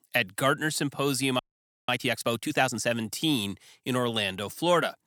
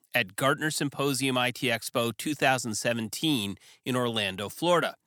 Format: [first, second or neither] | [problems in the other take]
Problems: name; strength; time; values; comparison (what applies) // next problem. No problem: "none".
second | audio freezing; at 1.5 s